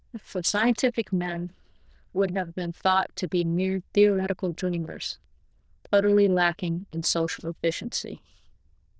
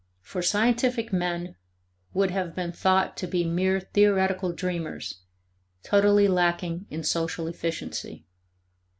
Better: second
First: noise reduction (neural diffusion model UNIVERSE++)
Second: none

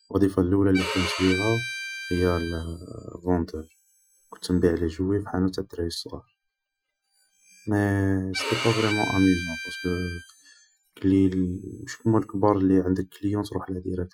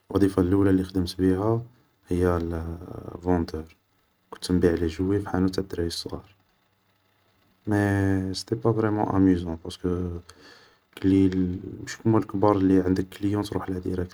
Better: second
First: noise reduction (classical method Wiener filter)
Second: none

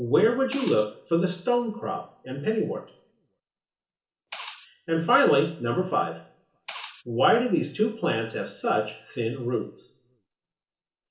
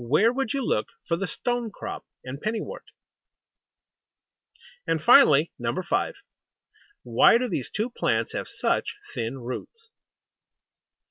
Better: second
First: background sound (Liquid); 15 dB below the speech // room echo; dies away in 0.7 s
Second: none

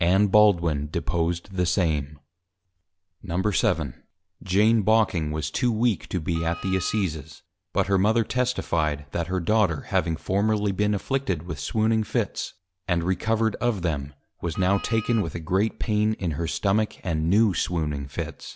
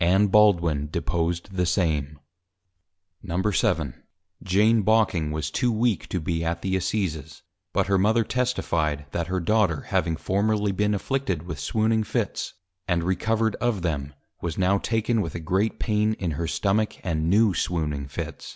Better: second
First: background sound (Wind instrument, woodwind instrument); 17 dB below the speech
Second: none

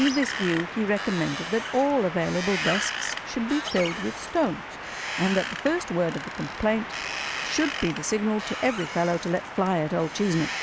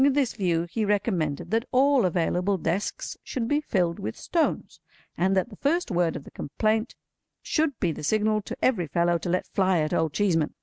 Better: second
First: background sound (Wind); 6 dB below the speech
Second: none

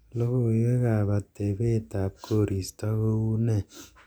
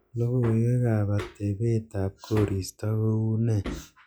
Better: first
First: none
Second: noise reduction (classical method log-MMSE)

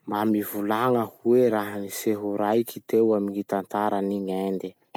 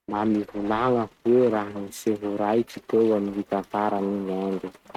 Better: first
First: none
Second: noise reduction (neural mask model RNNoise)

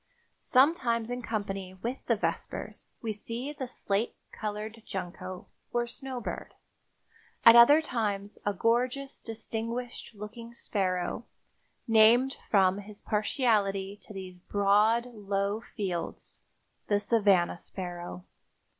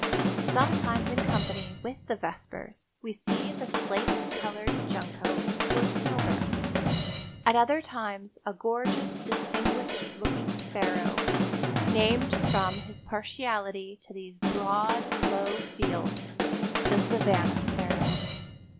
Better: first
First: none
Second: background sound (Drum / Drum kit); 3 dB above the speech

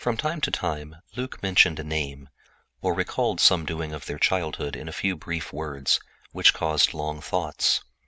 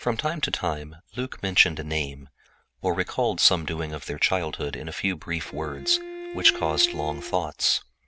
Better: first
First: none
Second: background sound (Bowed string instrument); 10 dB below the speech

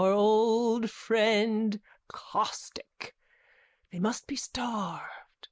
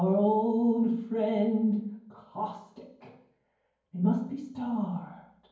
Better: first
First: none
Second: room echo; dies away in 0.9 s

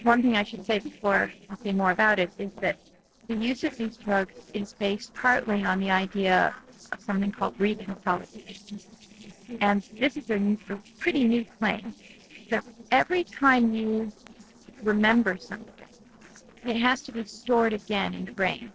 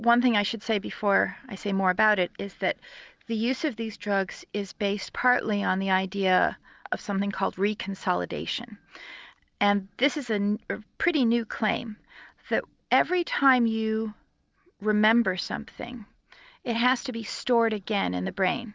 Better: second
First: noise reduction (neural separator model SepFormer DNS4)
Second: none

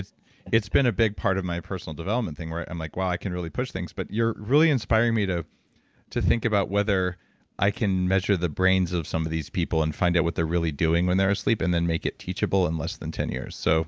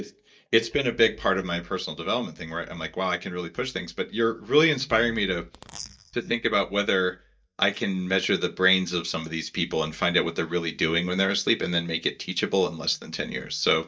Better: first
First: none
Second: noise reduction (neural mask model DeepFilterNet 3)

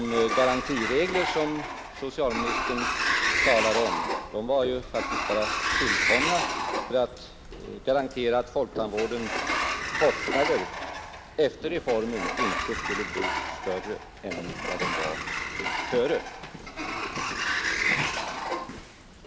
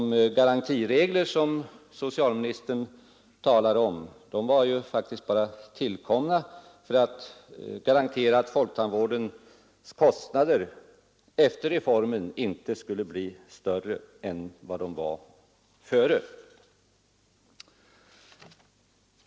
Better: second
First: background sound (Sliding door); as loud as the speech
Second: none

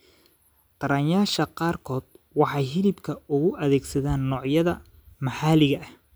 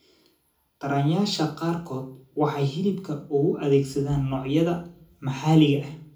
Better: first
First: none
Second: room echo; dies away in 0.4 s

